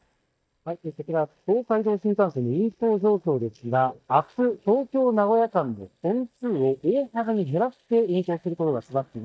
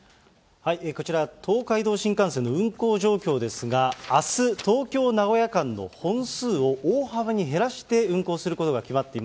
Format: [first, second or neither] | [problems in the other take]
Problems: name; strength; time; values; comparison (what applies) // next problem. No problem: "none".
second | noise reduction (neural mask model DeepFilterNet 3)